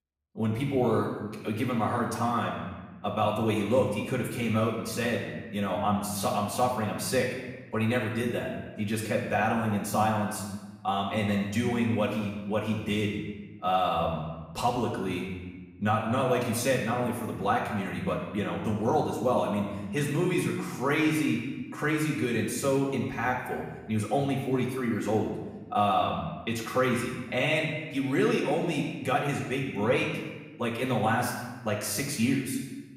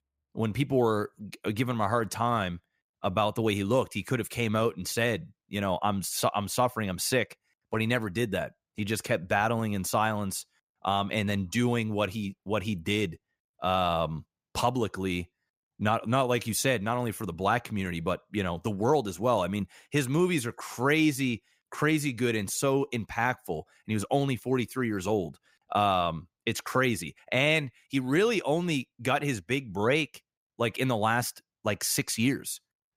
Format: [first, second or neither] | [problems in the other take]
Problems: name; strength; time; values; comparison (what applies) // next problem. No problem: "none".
second | room echo; noticeable; dies away in 1.1 s // off-mic speech; far